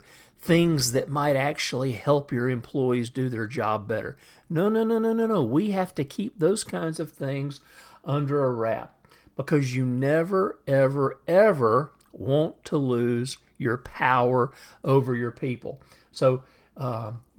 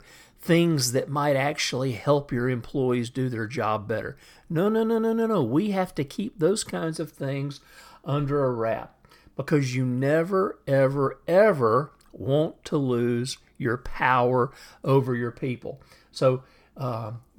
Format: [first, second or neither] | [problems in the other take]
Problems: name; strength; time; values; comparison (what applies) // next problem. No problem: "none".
second | garbled, watery; slightly; nothing above 18.5 kHz